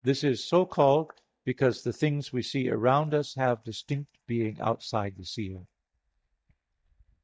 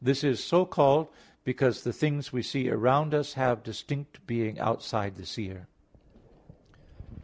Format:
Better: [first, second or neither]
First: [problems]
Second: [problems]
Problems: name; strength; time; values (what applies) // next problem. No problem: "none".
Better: second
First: noise reduction (neural mask model DeepFilterNet 3)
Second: none